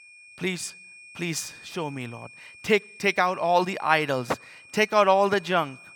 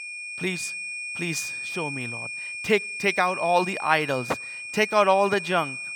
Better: first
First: high-pitched whine; faint; throughout; 2.5 kHz, 20 dB below the speech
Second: high-pitched whine; loud; throughout; 2.5 kHz, 7 dB below the speech

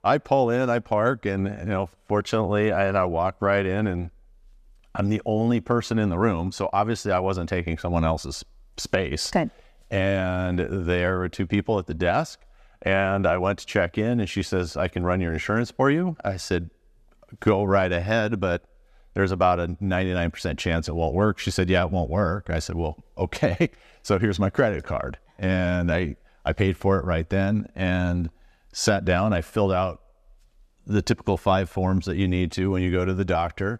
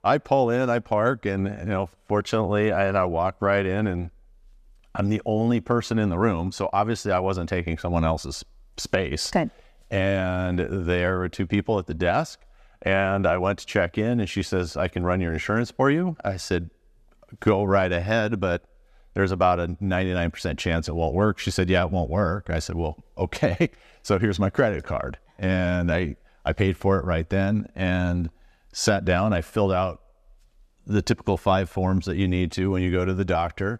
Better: neither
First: none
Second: none

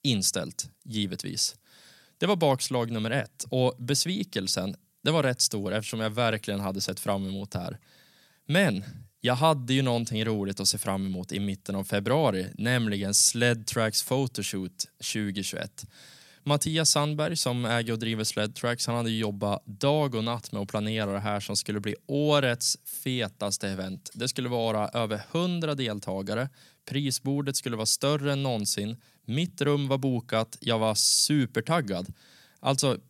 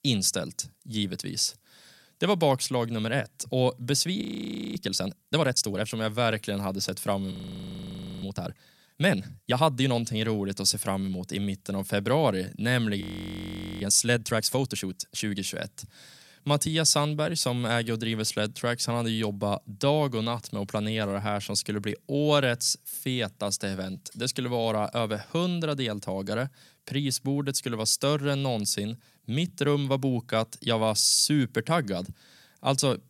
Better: first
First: none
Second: audio freezing; at 4 s for 0.5 s, at 7.5 s for 1 s and at 13 s for 1 s

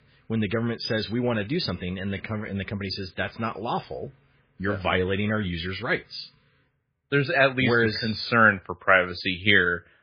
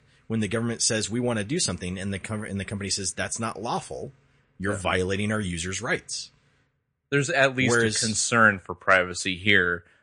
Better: second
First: garbled, watery; badly; nothing above 5 kHz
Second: garbled, watery; slightly; nothing above 9 kHz

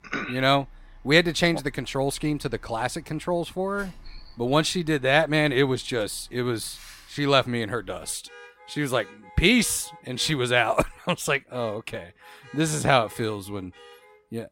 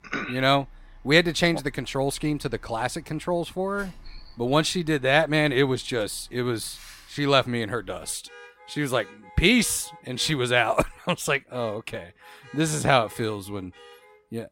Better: neither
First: traffic noise; faint; throughout; 25 dB below the speech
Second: traffic noise; faint; throughout; 25 dB below the speech

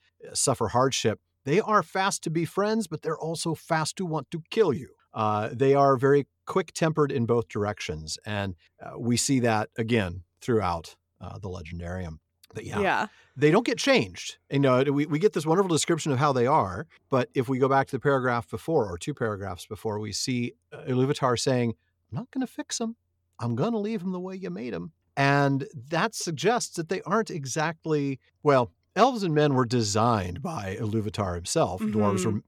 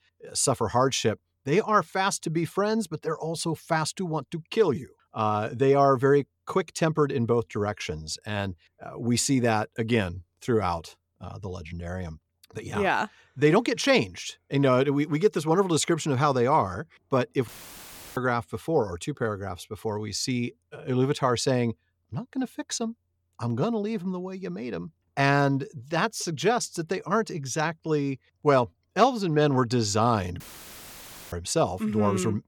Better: first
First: none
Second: audio cutting out; filled with static; at 17 s for 0.5 s and at 30 s for 1 s

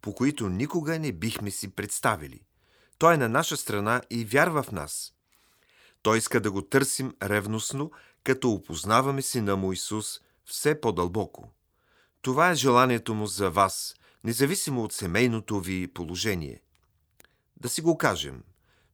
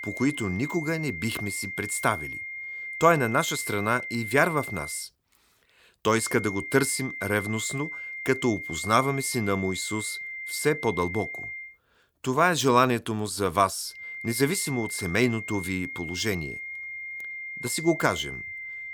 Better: first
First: none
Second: high-pitched whine; loud; until 5 s, from 6 to 12 s and from 14 s on; 2 kHz, 8 dB below the speech

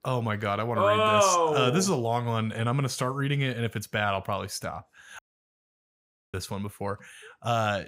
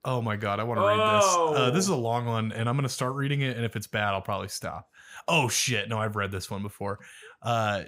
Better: second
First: audio cutting out; at 5 s for 1 s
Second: none

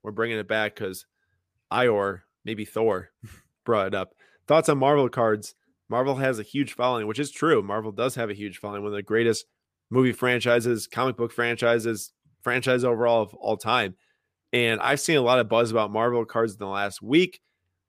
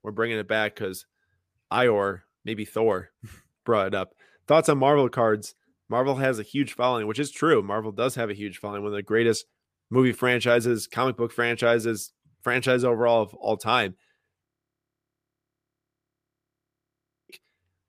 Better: first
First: none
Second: audio freezing; at 14 s for 3 s

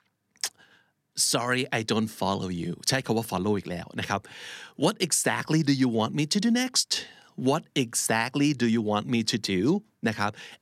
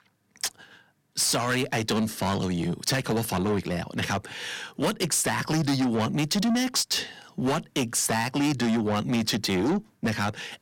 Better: first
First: none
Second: distortion; heavy; 7 dB below the speech

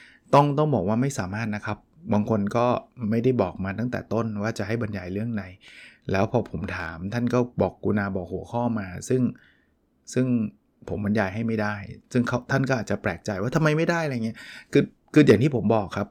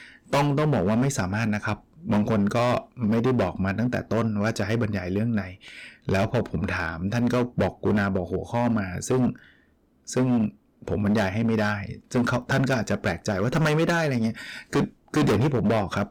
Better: first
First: none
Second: distortion; heavy; 13% of the sound clipped

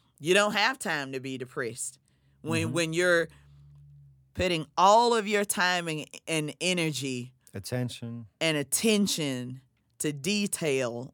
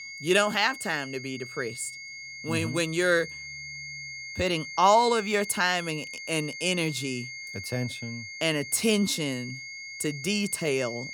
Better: first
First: none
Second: high-pitched whine; noticeable; throughout; 2 kHz, 10 dB below the speech

